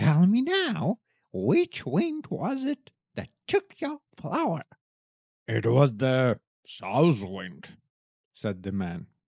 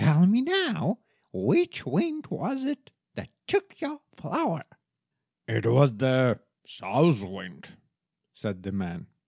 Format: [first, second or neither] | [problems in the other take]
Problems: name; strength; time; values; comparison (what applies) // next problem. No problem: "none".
second | noise reduction (neural mask model Resemble Enhance denoiser)